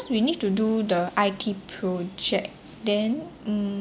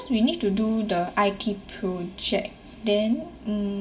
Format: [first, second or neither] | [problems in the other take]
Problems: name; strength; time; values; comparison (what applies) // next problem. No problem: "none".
first | room echo; dies away in 0.1 s